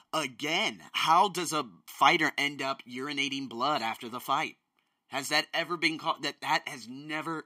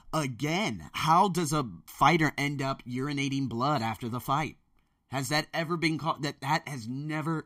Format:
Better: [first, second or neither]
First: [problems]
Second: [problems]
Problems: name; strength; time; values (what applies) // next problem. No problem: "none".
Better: second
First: thin; somewhat; fading below 300 Hz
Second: none